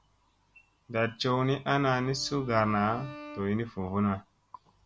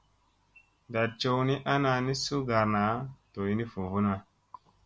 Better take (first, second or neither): second